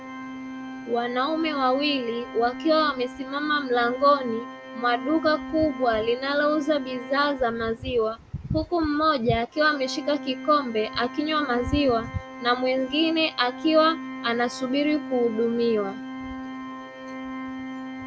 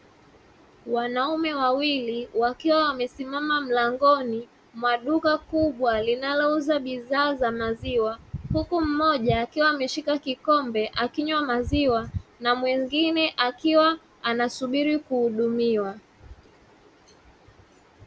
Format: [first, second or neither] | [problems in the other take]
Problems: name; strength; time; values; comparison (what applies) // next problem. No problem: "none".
second | background sound (Organ); 12 dB below the speech